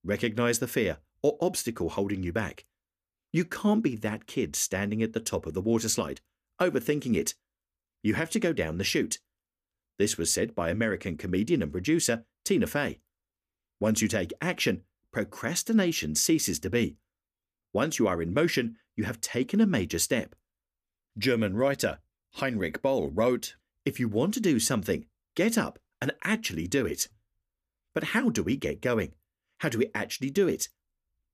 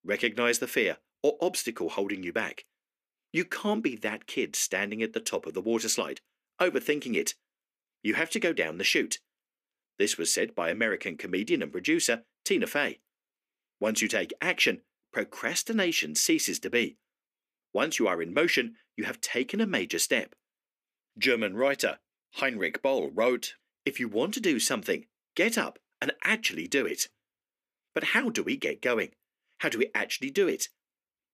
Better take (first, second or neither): first